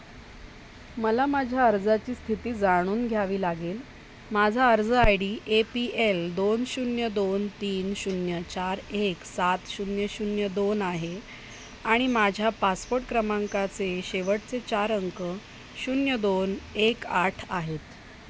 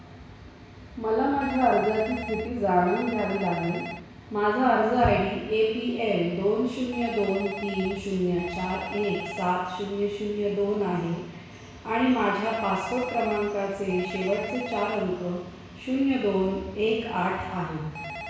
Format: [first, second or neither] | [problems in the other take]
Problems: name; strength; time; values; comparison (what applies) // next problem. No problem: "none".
first | background sound (Telephone); 14 dB below the speech // room echo; dies away in 1.1 s